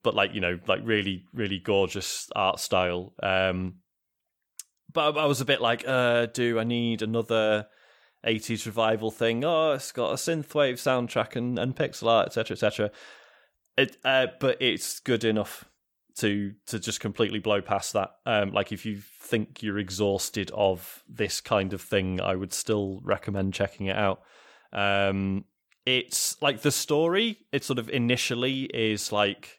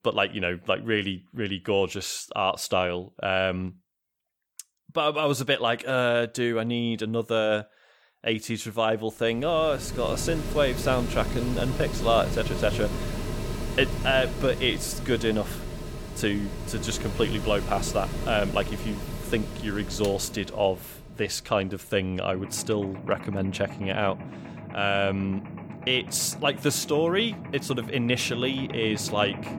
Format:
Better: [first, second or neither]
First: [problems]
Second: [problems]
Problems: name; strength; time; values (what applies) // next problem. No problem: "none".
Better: first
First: none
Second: machinery noise; loud; from 9.5 s on; 8 dB below the speech